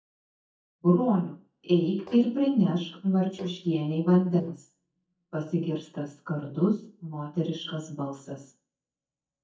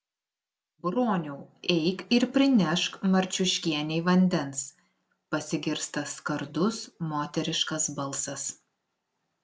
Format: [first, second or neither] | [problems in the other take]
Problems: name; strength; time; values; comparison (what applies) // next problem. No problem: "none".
second | noise reduction (neural mask model DeepFilterNet 3)